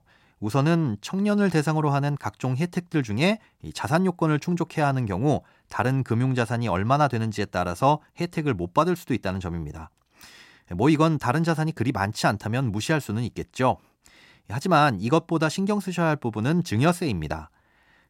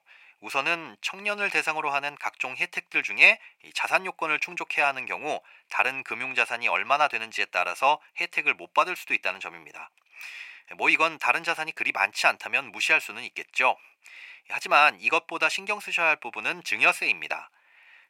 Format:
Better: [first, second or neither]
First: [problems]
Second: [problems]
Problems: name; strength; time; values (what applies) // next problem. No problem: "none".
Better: first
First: none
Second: thin; very; fading below 750 Hz